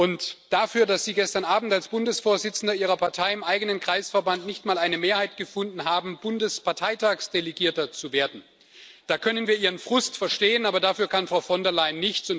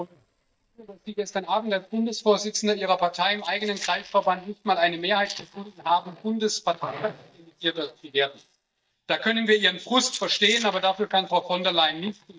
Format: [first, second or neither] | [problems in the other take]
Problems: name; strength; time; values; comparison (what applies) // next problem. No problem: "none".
first | noise reduction (neural mask model DeepFilterNet 3)